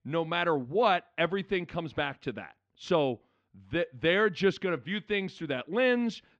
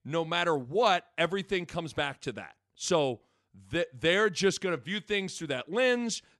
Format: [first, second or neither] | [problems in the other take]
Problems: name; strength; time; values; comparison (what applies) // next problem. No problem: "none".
second | muffled; slightly; fading above 3.5 kHz